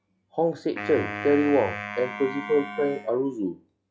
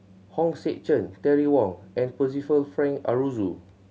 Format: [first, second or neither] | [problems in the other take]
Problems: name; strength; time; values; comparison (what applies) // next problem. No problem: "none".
second | noise reduction (classical method log-MMSE)